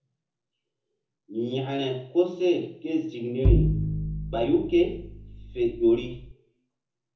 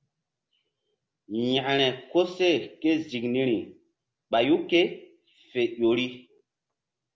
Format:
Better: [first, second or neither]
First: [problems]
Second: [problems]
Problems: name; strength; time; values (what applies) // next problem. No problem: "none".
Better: second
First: background sound (Bowed string instrument); 1 dB above the speech // room echo; dies away in 0.6 s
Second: none